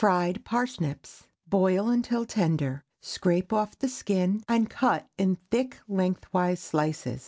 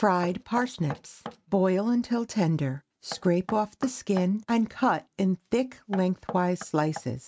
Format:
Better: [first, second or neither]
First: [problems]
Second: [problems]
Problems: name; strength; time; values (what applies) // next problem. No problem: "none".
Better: first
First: none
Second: noise reduction (neural mask model RNNoise)